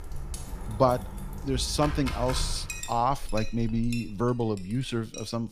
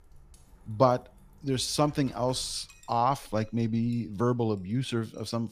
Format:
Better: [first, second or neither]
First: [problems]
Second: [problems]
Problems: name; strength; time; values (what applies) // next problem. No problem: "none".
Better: second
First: household noises; loud; throughout; 9 dB below the speech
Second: household noises; faint; throughout; 25 dB below the speech